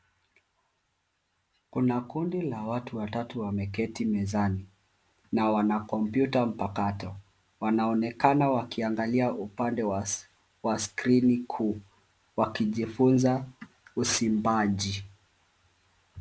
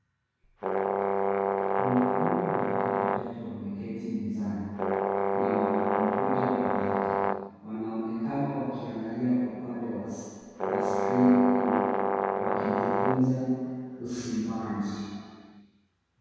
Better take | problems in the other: first | background sound (Brass instrument); 3 dB above the speech // room echo; dies away in 2 s

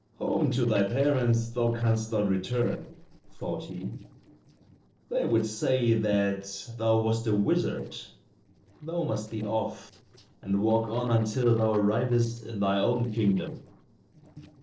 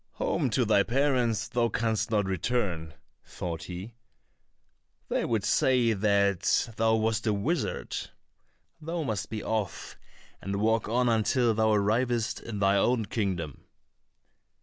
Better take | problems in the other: second | noise reduction (neural separator model SepFormer DNS4)

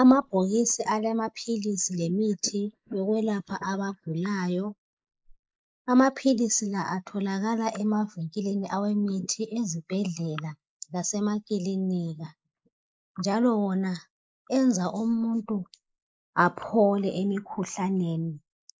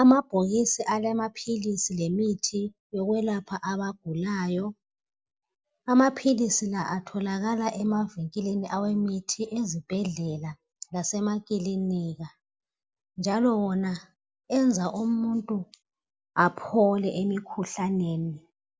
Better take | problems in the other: second | noise reduction (neural mask model Resemble Enhance denoiser)

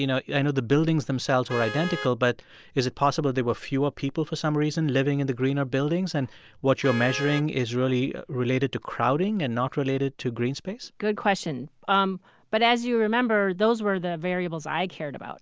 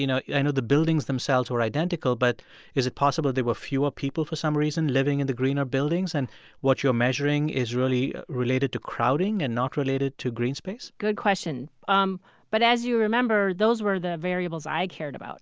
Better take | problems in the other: second | background sound (Vehicle horn, car horn, honking); 16 dB below the speech

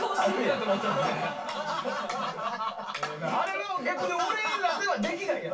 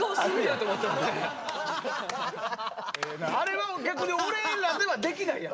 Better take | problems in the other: second | room echo; dies away in 0.2 s

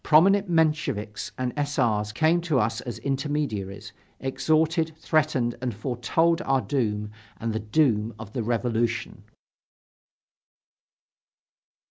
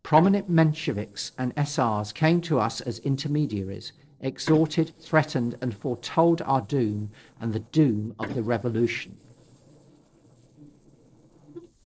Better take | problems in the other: first | noise reduction (neural separator model SepFormer DNS4)

